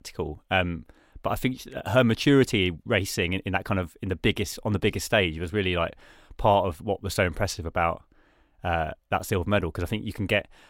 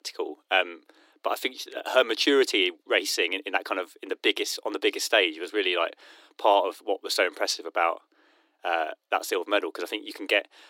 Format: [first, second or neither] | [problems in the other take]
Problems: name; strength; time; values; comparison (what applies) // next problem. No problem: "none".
first | thin; somewhat; fading below 300 Hz